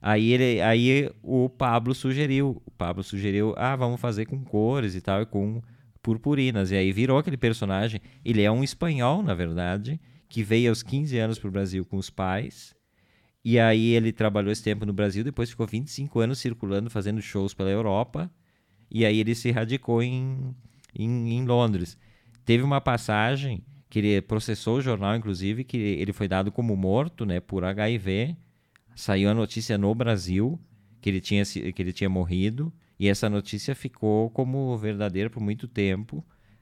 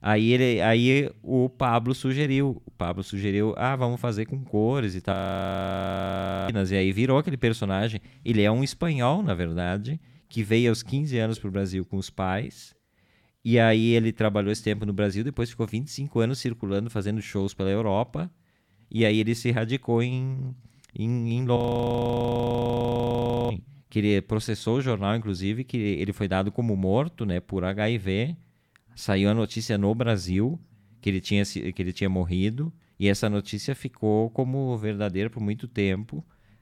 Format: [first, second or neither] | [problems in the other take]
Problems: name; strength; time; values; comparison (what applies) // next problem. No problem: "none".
first | audio freezing; at 5 s for 1.5 s and at 22 s for 2 s